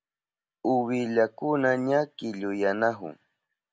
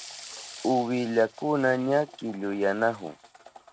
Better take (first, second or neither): first